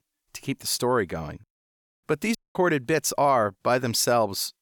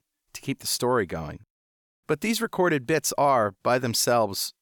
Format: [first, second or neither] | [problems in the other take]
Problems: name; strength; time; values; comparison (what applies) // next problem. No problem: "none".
second | audio cutting out; at 2.5 s